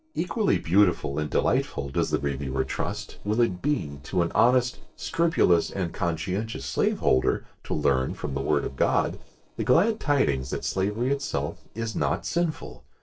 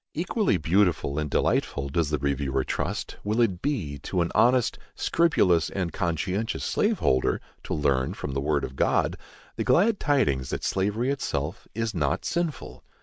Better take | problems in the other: second | noise reduction (neural separator model SepFormer DNS4)

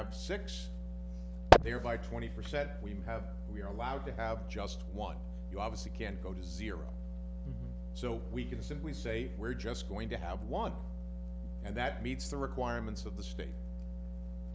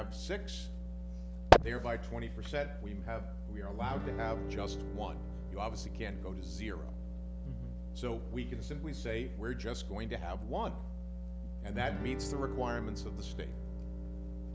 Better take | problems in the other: first | background sound (Guitar); 12 dB below the speech

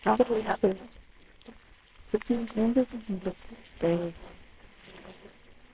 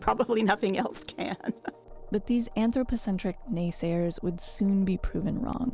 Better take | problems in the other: second | noise reduction (neural separator model SepFormer WHAMR!)

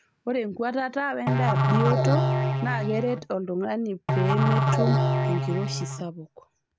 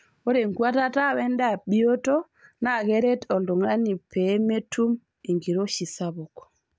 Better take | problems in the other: second | background sound (Musical instrument); 5 dB above the speech

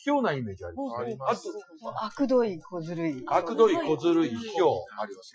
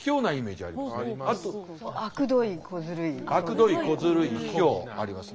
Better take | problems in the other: second | noise reduction (classical method Wiener filter)

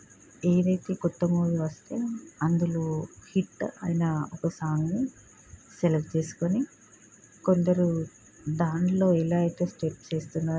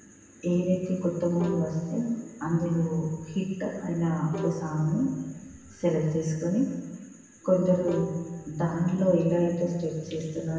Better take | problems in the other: first | background sound (Bowed string instrument); 15 dB below the speech // room echo; dies away in 1.3 s

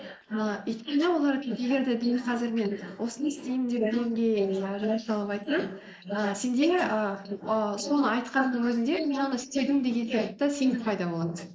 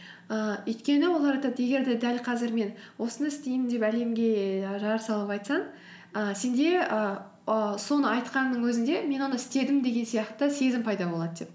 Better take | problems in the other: second | noise reduction (neural mask model Resemble Enhance denoiser)

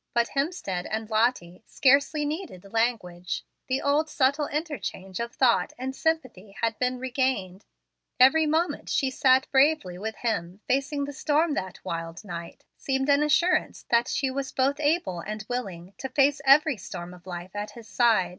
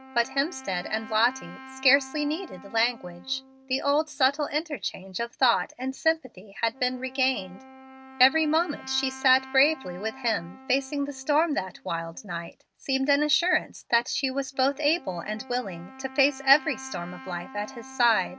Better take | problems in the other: first | background sound (Wind instrument, woodwind instrument); 18 dB below the speech

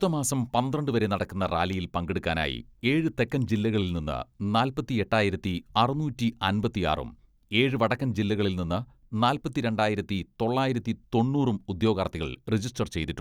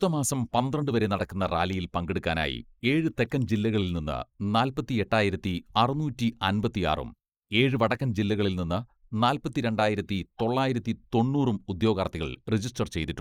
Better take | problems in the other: first | noise reduction (neural mask model Resemble Enhance denoiser)

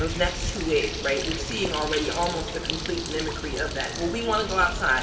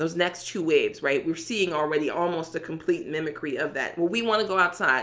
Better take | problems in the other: second | background sound (Bird); 4 dB below the speech // room echo; dies away in 2.4 s

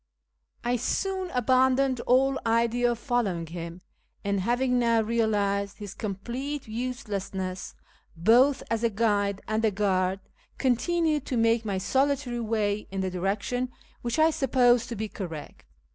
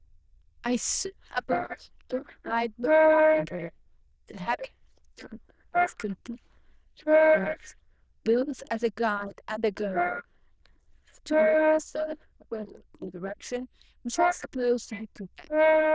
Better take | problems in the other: first | noise reduction (neural diffusion model UNIVERSE++)

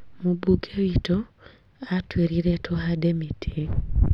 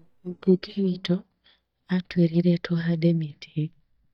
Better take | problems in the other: first | noise reduction (neural mask model DeepFilterNet 3)

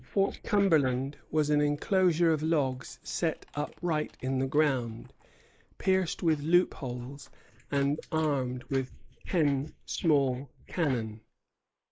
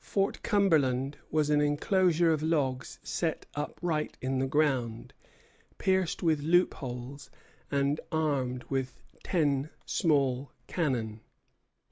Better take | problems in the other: second | noise reduction (neural mask model Resemble Enhance denoiser)

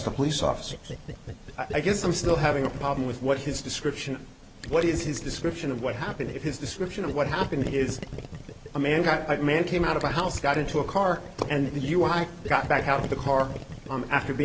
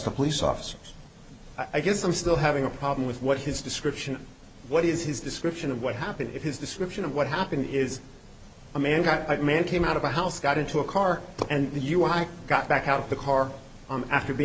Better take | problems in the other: second | background sound (Gurgling); 11 dB below the speech

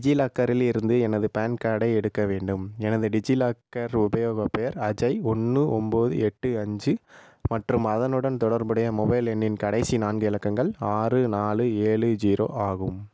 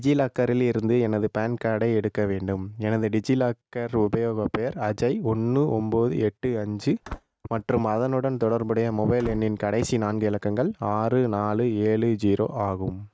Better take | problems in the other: first | noise reduction (neural mask model RNNoise)

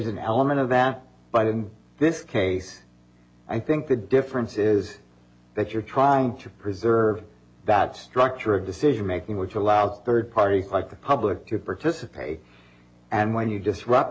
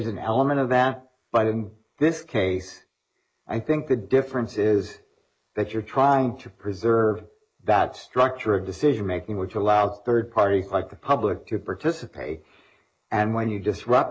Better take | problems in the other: first | noise reduction (neural mask model Resemble Enhance denoiser)

